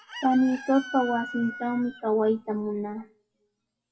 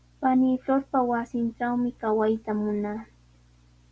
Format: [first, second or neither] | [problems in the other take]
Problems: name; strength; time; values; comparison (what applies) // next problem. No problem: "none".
second | noise reduction (classical method WPE with log-MMSE)